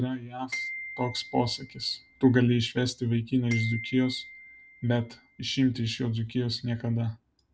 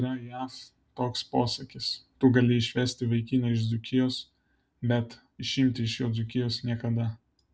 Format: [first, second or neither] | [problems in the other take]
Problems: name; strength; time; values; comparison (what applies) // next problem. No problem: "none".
second | background sound (Glockenspiel); 13 dB below the speech